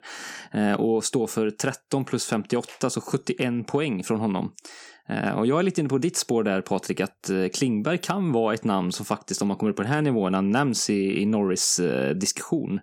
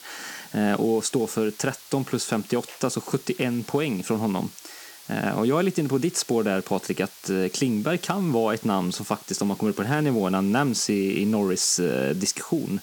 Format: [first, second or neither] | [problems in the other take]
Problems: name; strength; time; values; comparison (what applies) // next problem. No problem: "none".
first | hiss; noticeable; throughout; 20 dB below the speech